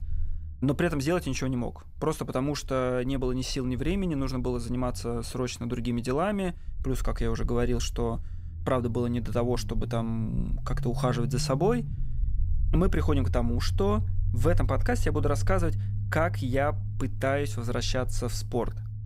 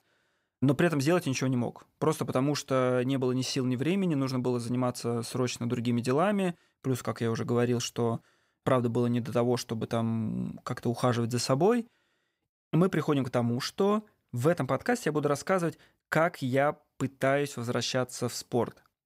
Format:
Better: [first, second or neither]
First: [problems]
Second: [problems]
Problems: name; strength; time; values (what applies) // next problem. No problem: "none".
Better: second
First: low rumble; noticeable; throughout; 15 dB below the speech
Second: none